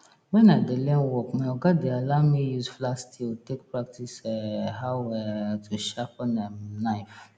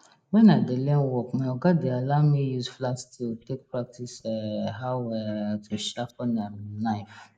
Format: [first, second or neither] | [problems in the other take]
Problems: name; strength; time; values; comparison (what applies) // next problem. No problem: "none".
first | noise reduction (neural mask model Resemble Enhance denoiser)